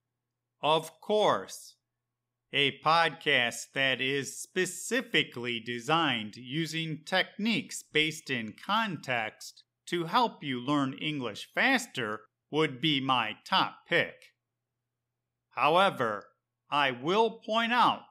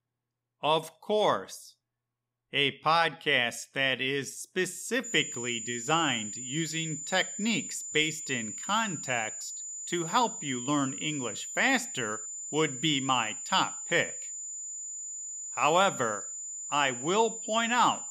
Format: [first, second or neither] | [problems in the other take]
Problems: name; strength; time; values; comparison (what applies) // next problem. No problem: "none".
first | high-pitched whine; loud; from 5 s on; 7 kHz, 7 dB below the speech